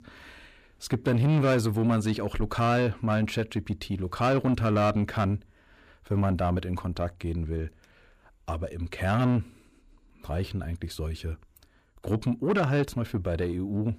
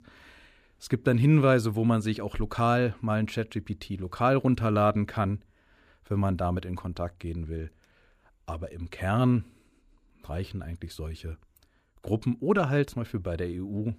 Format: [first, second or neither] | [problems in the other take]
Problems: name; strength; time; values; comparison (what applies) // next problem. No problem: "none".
second | distortion; slight; 10 dB below the speech